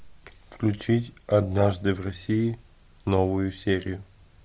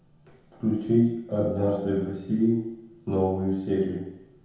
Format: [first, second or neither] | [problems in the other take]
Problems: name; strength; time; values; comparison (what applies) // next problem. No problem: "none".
first | room echo; dies away in 0.9 s